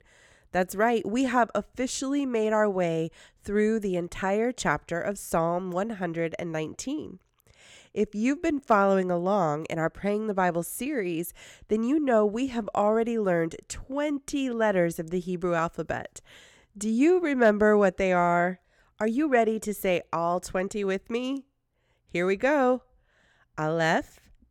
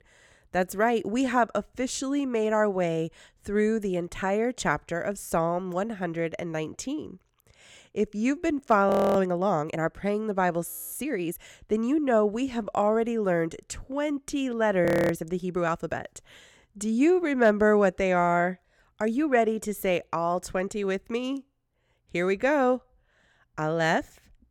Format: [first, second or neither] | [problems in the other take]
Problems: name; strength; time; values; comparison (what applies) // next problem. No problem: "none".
first | audio freezing; at 9 s, at 11 s and at 15 s